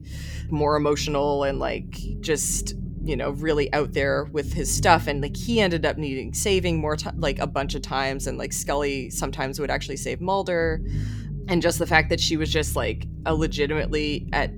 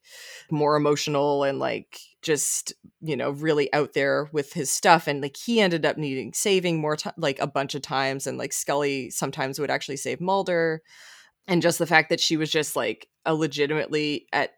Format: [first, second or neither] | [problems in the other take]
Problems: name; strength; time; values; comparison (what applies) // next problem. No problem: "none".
second | low rumble; faint; throughout; 20 dB below the speech